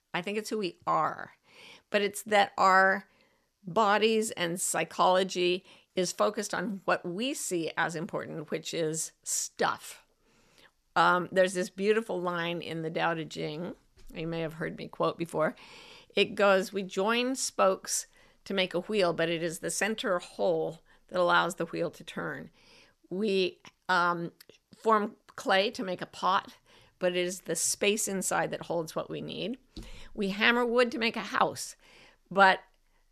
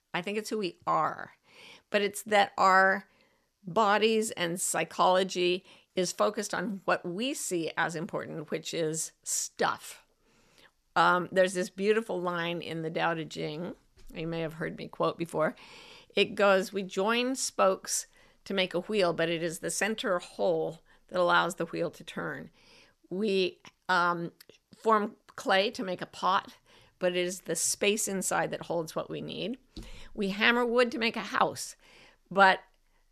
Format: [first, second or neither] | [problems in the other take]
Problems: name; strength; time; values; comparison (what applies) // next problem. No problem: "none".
neither | none